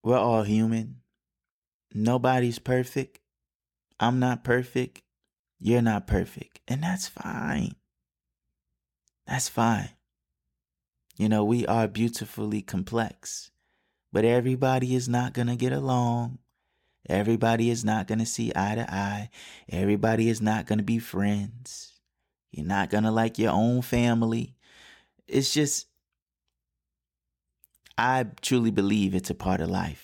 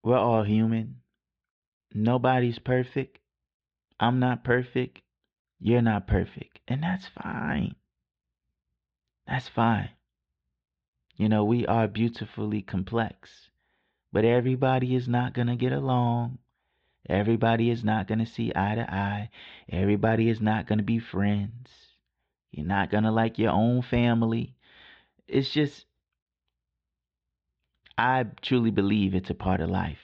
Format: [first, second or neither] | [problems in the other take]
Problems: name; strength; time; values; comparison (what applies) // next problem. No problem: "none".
first | muffled; slightly; fading above 4 kHz